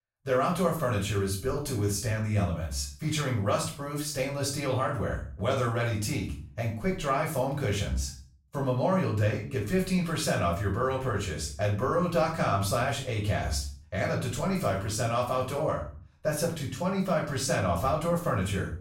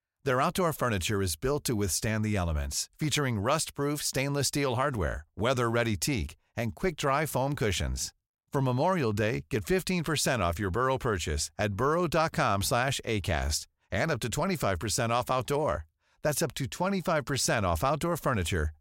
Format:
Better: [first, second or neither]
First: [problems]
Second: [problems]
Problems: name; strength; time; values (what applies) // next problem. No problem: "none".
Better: second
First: room echo; noticeable; dies away in 0.4 s // off-mic speech; far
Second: none